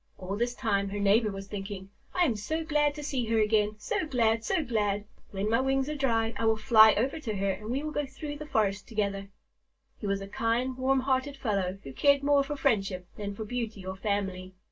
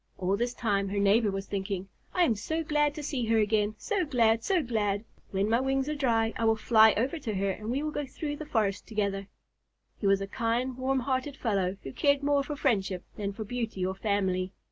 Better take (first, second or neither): second